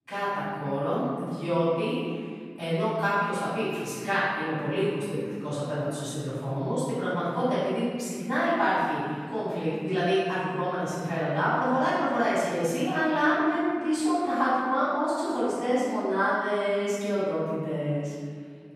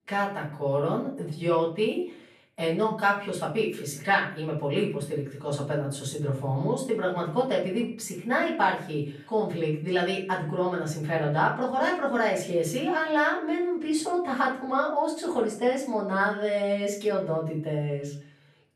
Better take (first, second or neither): second